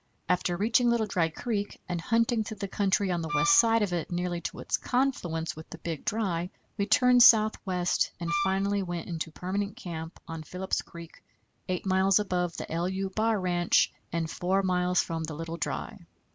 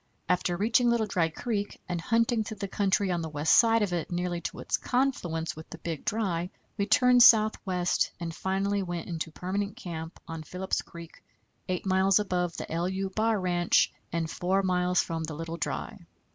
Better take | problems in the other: second | background sound (Wind instrument, woodwind instrument); 5 dB below the speech

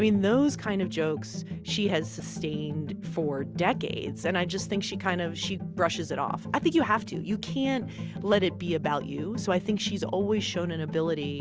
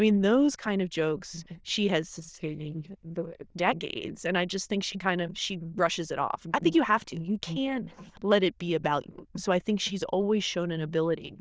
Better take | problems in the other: first | noise reduction (neural diffusion model UNIVERSE++)

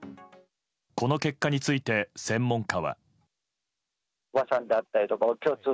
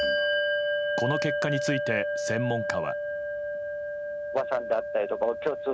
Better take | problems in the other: first | background sound (Bell); 2 dB above the speech

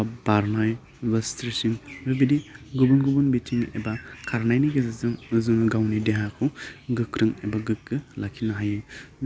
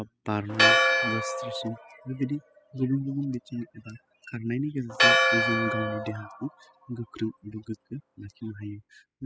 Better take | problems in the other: first | noise reduction (classical method spectral subtraction)

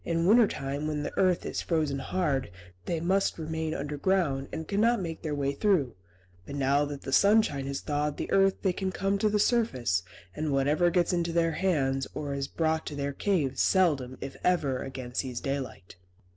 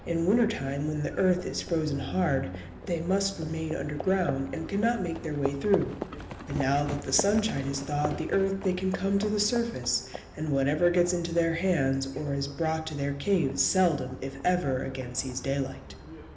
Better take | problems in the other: first | background sound (Livestock, farm animals, working animals); 13 dB below the speech // room echo; dies away in 0.8 s

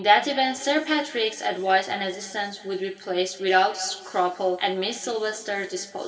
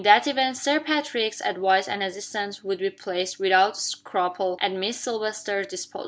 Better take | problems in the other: second | room echo; dies away in 2.8 s

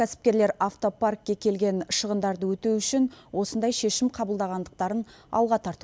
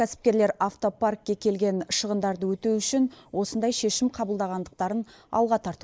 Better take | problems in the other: first | noise reduction (neural mask model Resemble Enhance denoiser)

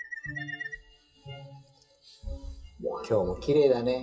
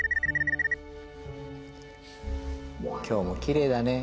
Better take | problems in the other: second | noise reduction (classical method WPE with log-MMSE)

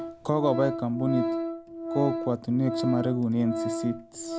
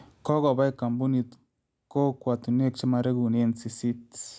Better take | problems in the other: second | background sound (Organ); 4 dB below the speech

